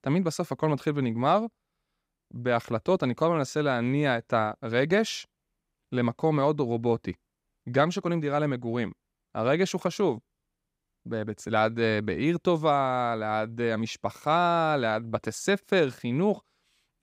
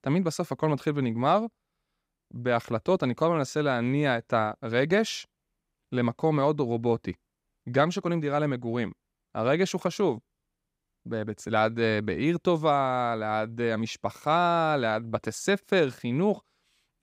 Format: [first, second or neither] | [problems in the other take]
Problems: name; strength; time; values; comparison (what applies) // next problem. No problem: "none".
neither | none